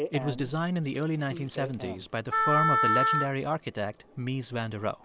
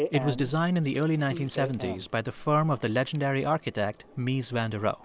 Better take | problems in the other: second | background sound (Wind instrument, woodwind instrument); 3 dB above the speech

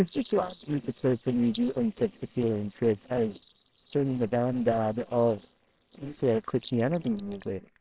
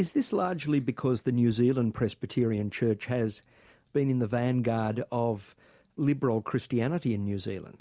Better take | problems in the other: second | noise reduction (neural separator model SepFormer WHAMR!)

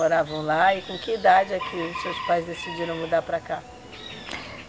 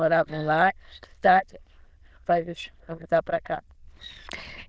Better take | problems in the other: first | noise reduction (neural diffusion model UNIVERSE++)

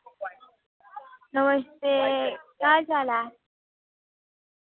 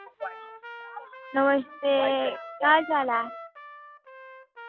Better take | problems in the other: first | background sound (Trumpet); 16 dB below the speech

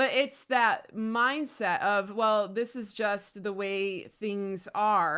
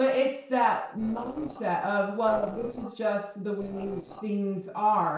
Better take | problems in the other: first | noise reduction (neural separator model SepFormer DNS4)

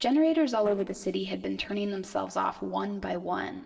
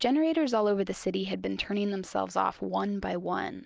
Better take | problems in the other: second | noise reduction (neural separator model SepFormer DNS4)

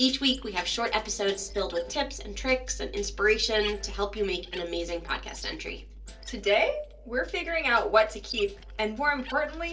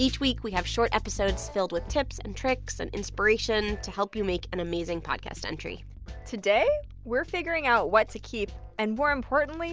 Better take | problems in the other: second | noise reduction (neural separator model SepFormer DNS4)

